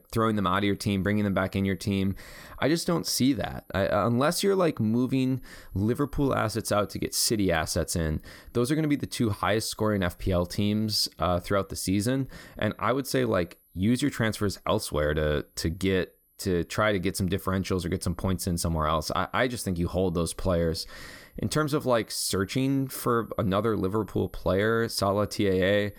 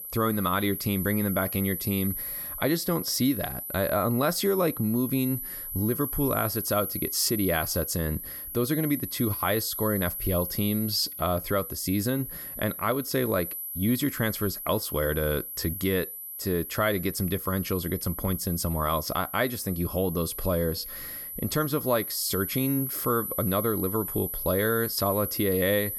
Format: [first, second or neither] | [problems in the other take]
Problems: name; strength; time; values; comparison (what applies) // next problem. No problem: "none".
first | high-pitched whine; loud; throughout; 12 kHz, 5 dB below the speech; faint in the first